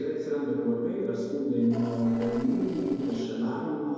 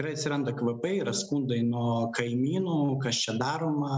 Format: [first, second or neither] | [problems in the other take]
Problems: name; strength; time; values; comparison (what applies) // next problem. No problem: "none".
second | noise reduction (neural separator model SepFormer DNS4)